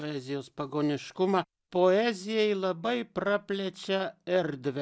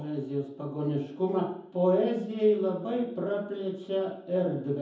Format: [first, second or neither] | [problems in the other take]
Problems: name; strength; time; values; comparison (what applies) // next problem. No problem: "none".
first | room echo; dies away in 0.7 s